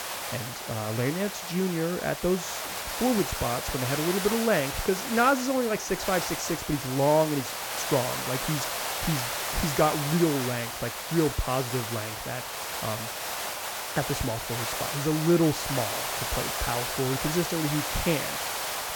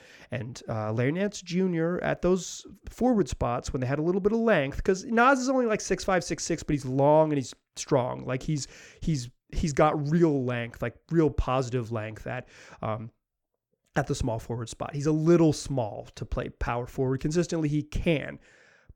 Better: second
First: hiss; loud; throughout; 2 dB below the speech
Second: none

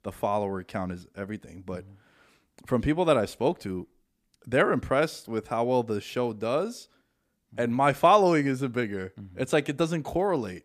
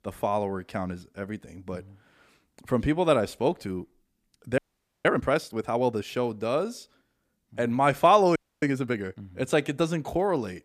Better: first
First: none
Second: audio freezing; at 4.5 s and at 8.5 s

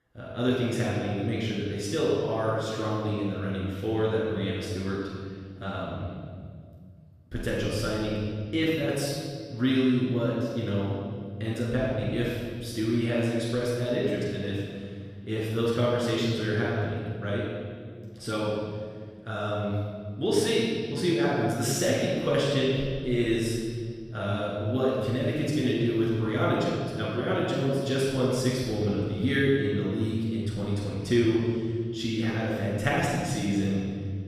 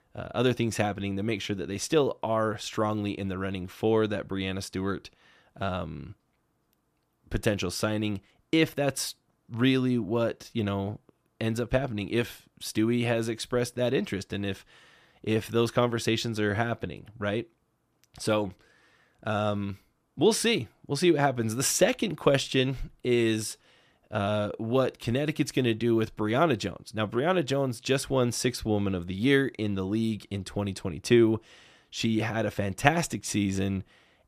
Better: second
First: off-mic speech; far // room echo; strong; dies away in 2.1 s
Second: none

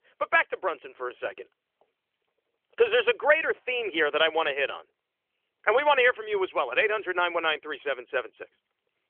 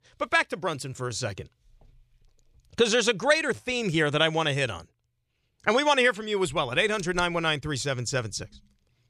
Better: second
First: phone-call audio; nothing above 3.5 kHz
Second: none

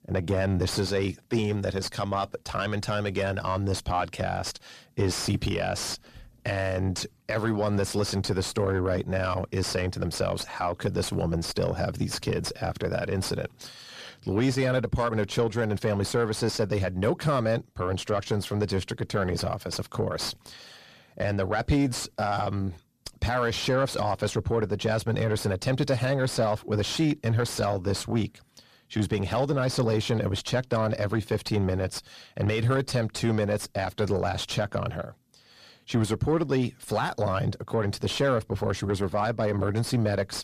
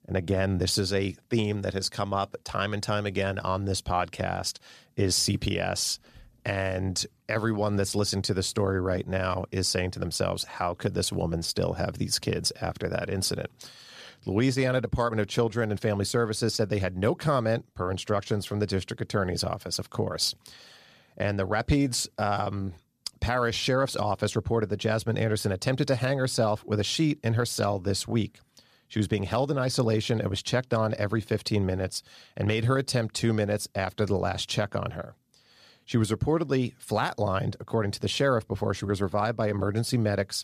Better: second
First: distortion; slight; 10 dB below the speech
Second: none

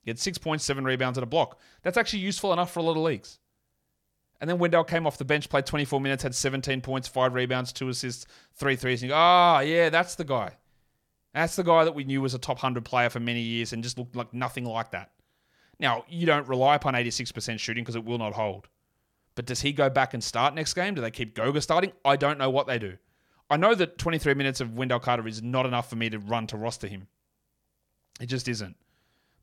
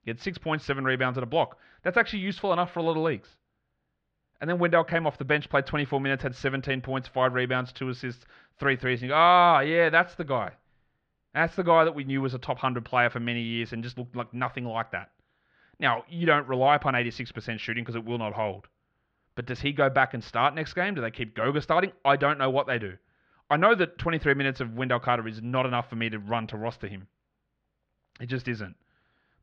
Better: first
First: none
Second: muffled; very; fading above 3.5 kHz

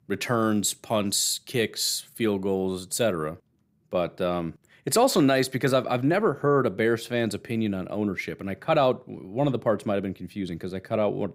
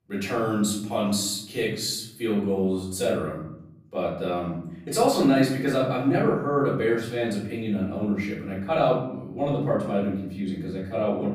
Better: first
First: none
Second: off-mic speech; far // room echo; noticeable; dies away in 0.9 s

